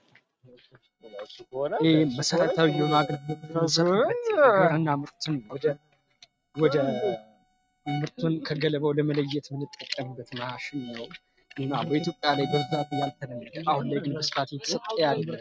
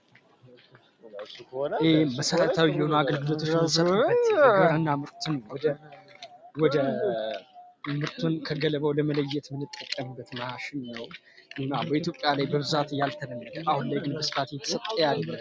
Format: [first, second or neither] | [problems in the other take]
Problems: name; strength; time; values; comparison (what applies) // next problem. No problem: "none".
second | noise reduction (neural mask model RNNoise)